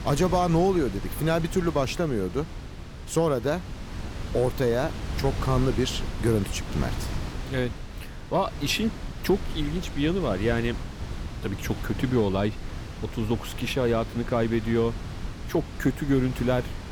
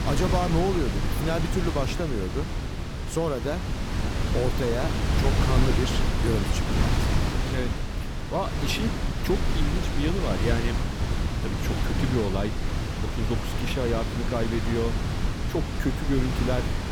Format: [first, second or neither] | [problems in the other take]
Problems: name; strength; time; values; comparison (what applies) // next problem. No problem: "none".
first | wind noise on the microphone; heavy; 1 dB below the speech; occasional gusts in the first